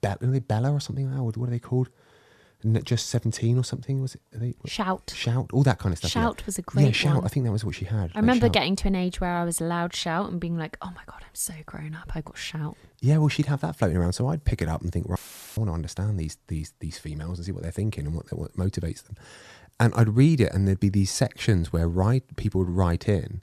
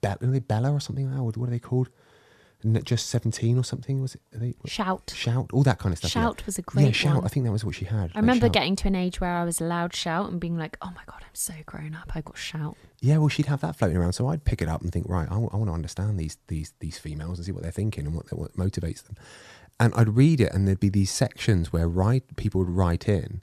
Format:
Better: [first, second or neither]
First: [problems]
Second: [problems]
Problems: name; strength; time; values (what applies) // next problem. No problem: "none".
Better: second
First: audio cutting out; filled with static; at 15 s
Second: none